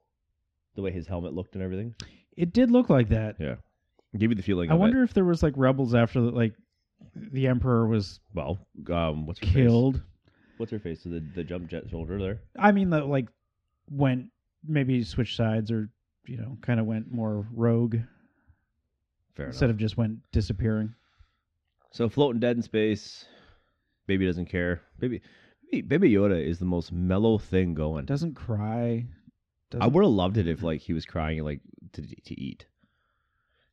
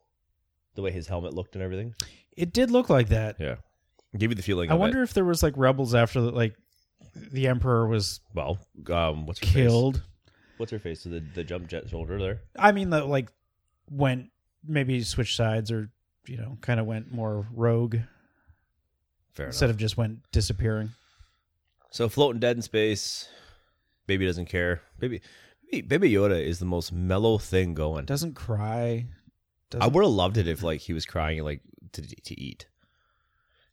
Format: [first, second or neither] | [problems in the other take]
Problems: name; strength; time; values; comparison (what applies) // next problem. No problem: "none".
second | muffled; slightly; fading above 3.5 kHz